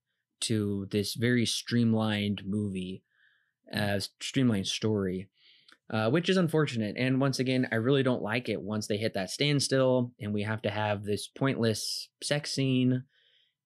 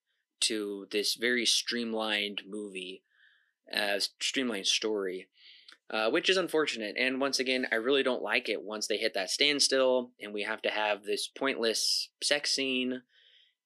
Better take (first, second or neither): first